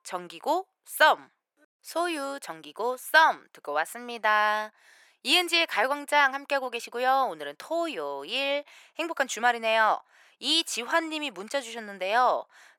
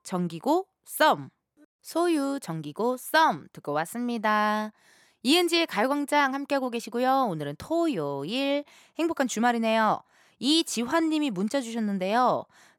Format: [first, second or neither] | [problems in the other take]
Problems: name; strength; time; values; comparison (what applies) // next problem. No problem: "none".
second | thin; somewhat; fading below 600 Hz